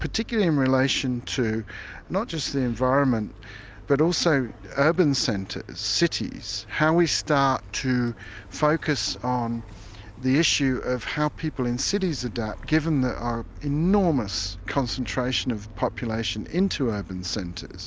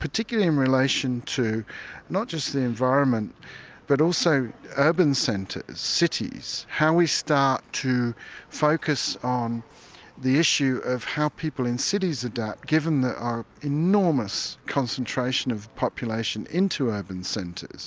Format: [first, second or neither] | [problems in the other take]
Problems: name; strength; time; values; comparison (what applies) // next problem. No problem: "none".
second | background sound (Engine starting / Motor vehicle (road)); 16 dB below the speech